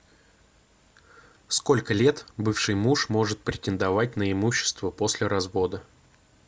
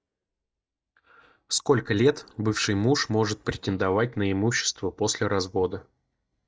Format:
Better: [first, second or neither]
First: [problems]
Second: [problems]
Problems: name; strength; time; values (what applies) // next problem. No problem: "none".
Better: first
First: none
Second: noise reduction (neural mask model DeepFilterNet 3)